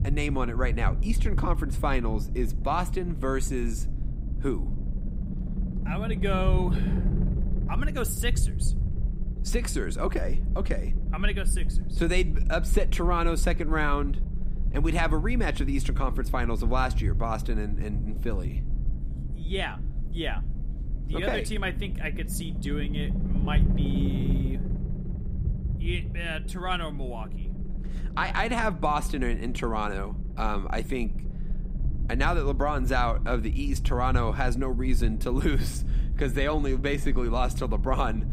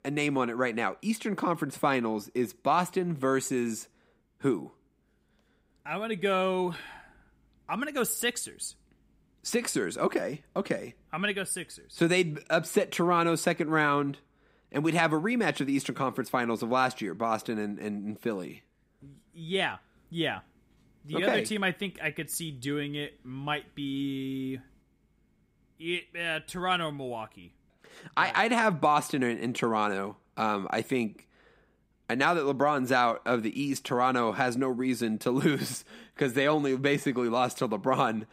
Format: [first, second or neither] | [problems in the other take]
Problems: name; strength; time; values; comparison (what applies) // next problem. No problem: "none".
second | low rumble; noticeable; throughout; 15 dB below the speech